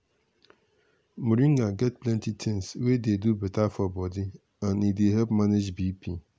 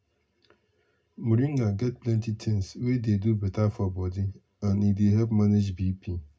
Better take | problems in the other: first | room echo; dies away in 0.2 s

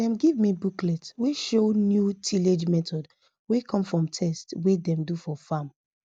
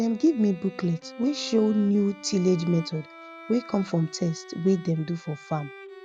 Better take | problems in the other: first | background sound (Bowed string instrument); 18 dB below the speech

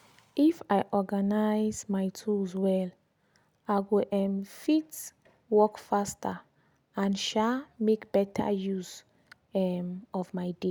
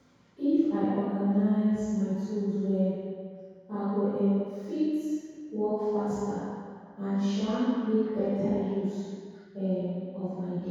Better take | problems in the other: first | room echo; dies away in 2 s

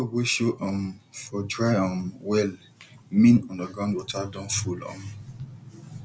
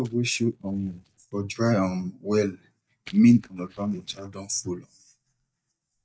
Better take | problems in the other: first | noise reduction (neural mask model DeepFilterNet 3)

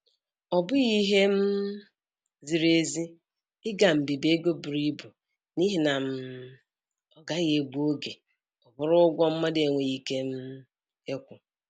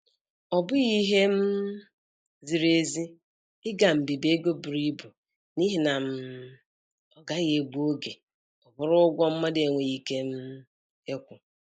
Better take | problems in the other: first | noise reduction (neural mask model Resemble Enhance denoiser)

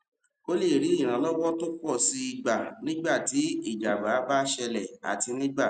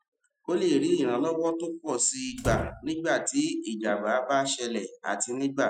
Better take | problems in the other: first | noise reduction (classical method Wiener filter)

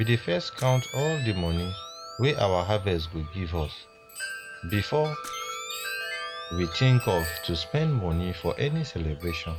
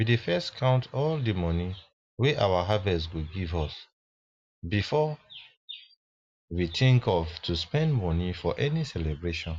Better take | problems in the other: second | background sound (Camera + Wind chime); 11 dB below the speech

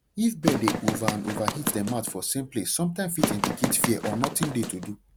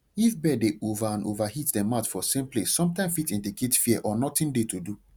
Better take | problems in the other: second | background sound (Run); 1 dB below the speech

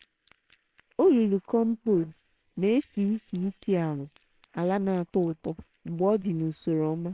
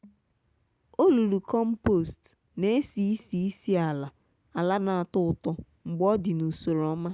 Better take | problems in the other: second | noise reduction (neural separator model SepFormer WHAMR!)

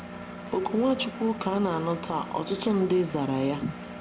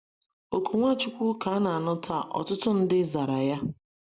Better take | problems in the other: second | background sound (Engine); 11 dB below the speech

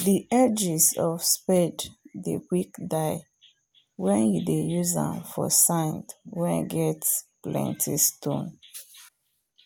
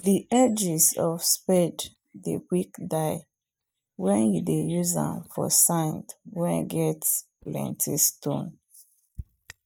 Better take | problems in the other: first | noise reduction (neural mask model DeepFilterNet 3)

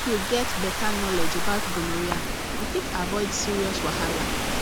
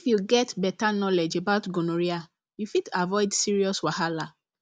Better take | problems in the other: second | background sound (Rain / Thunderstorm); 3 dB above the speech

